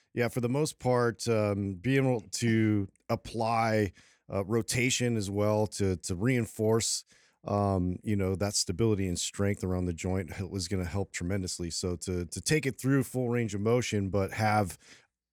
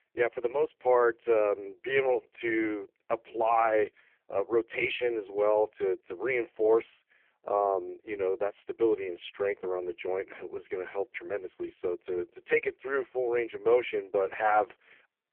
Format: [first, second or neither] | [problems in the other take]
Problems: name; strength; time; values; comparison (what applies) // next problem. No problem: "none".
first | phone-call audio; poor line; nothing above 3 kHz